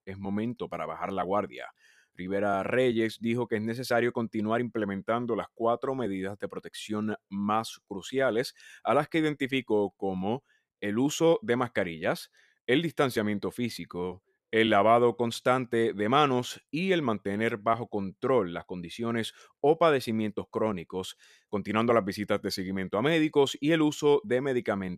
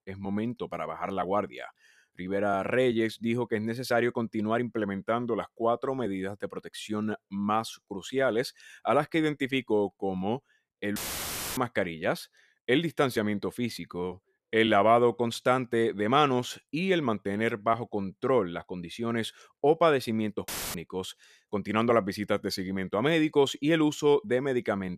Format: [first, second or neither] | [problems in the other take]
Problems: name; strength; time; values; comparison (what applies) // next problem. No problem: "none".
first | audio cutting out; filled with static; at 11 s for 0.5 s and at 20 s